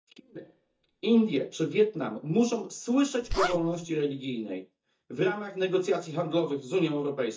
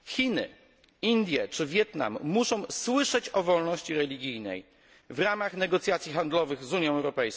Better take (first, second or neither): second